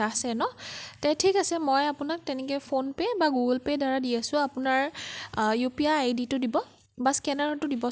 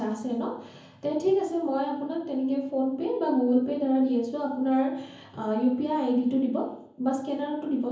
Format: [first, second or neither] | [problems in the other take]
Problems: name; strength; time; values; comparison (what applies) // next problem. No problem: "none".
first | room echo; dies away in 0.7 s